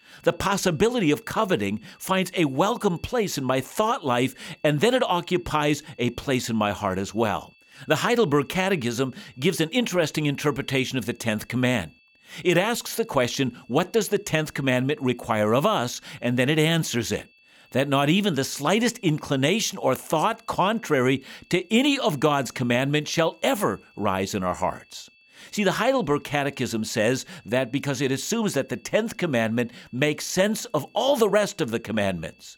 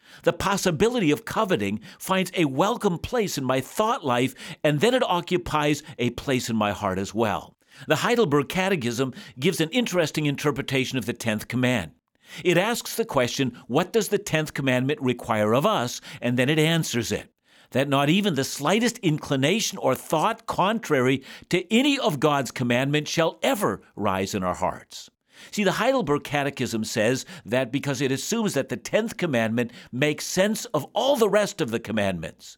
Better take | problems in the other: second | high-pitched whine; faint; throughout; 2.5 kHz, 30 dB below the speech

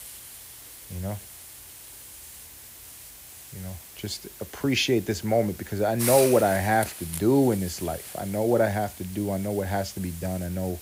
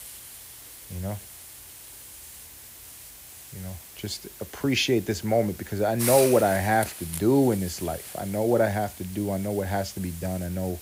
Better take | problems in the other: neither | hiss; noticeable; throughout; 10 dB below the speech; the same in both

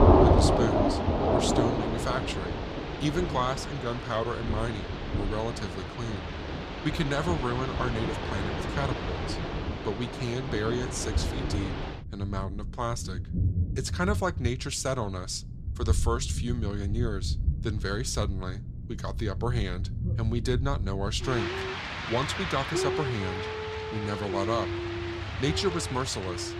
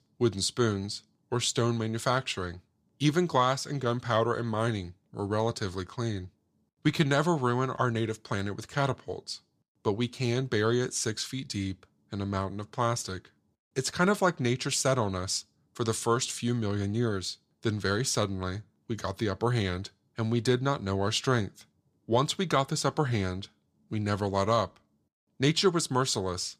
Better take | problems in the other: second | rain or running water; very loud; throughout; 1 dB above the speech

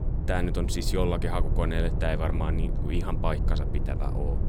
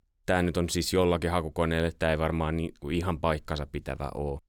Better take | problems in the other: second | low rumble; loud; throughout; 9 dB below the speech

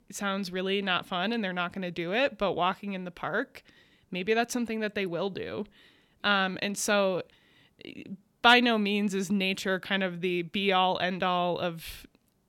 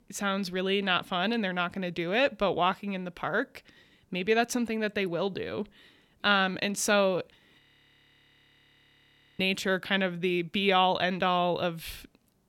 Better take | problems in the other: first | audio freezing; at 7.5 s for 2 s

